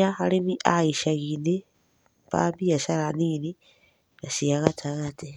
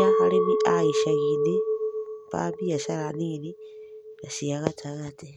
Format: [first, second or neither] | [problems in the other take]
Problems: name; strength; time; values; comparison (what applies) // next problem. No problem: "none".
first | background sound (Chink, clink); 4 dB above the speech